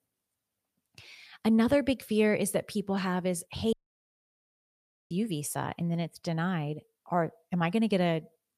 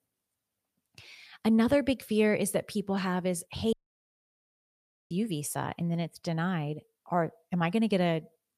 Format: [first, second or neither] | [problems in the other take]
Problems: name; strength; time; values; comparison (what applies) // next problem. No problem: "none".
neither | audio cutting out; at 3.5 s for 1.5 s; the same in both